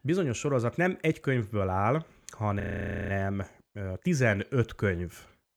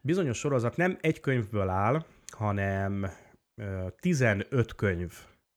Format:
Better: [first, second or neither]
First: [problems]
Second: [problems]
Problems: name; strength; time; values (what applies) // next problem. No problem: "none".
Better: second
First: audio freezing; at 2.5 s for 0.5 s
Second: none